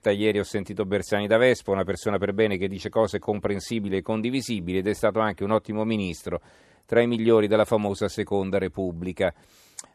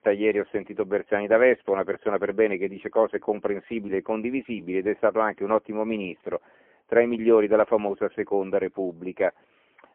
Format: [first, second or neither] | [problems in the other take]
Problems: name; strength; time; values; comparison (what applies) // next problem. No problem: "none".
first | phone-call audio; poor line